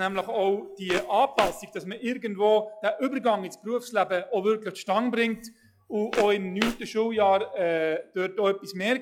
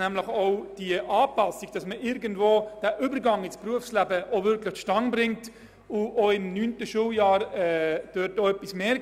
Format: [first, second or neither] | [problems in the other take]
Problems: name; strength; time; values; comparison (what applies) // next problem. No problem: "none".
second | noise reduction (classical method log-MMSE)